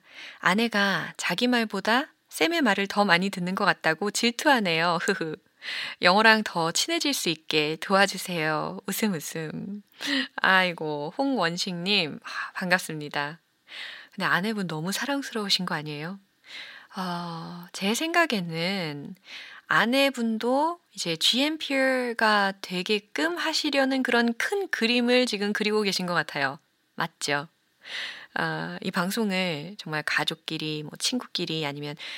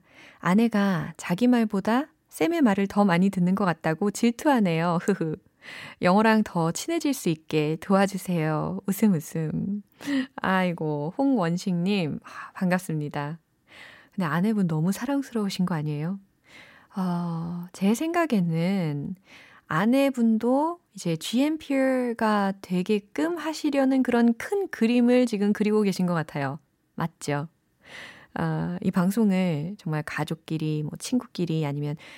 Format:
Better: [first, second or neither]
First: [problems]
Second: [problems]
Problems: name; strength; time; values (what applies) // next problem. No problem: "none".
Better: second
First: thin; somewhat; fading below 500 Hz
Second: none